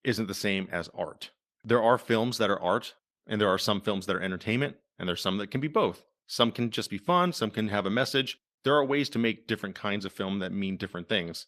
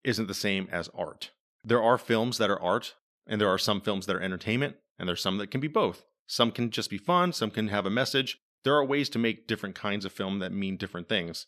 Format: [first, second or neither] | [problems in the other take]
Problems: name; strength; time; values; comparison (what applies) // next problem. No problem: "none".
second | garbled, watery; slightly; nothing above 14.5 kHz